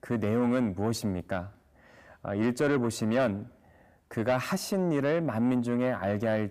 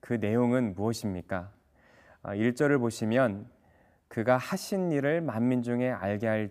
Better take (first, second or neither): second